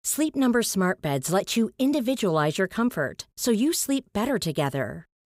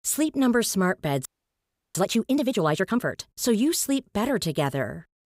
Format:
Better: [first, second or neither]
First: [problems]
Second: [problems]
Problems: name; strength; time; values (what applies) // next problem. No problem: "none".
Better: first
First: none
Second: audio freezing; at 1.5 s for 0.5 s